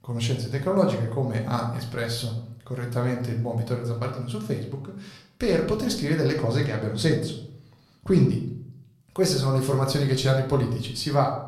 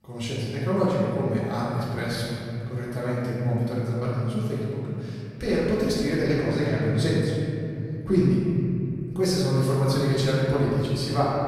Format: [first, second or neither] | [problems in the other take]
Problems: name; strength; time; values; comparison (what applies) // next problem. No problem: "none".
first | room echo; strong; dies away in 3 s; slight in the first // off-mic speech; far; somewhat distant in the first